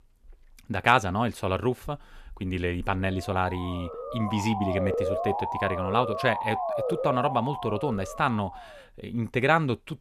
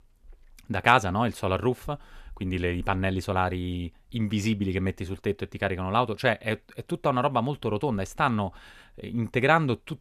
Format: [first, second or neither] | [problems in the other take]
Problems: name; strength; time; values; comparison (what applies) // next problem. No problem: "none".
second | siren; noticeable; from 3 to 8.5 s; peak level with the speech